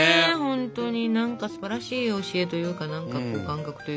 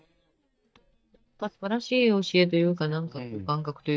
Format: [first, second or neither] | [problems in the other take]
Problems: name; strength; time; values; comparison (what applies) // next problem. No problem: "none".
first | noise reduction (neural mask model DeepFilterNet 3)